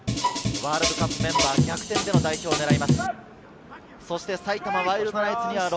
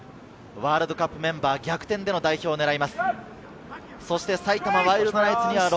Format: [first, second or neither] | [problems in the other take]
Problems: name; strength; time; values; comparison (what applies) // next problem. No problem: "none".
second | background sound (Drum kit + Bowed string instrument); 4 dB above the speech